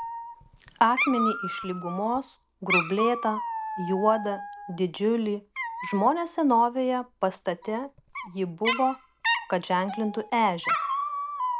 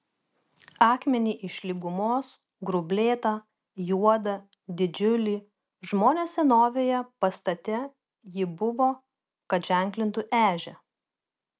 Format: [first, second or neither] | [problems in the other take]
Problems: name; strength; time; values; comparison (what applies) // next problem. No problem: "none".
second | background sound (Dog); 5 dB below the speech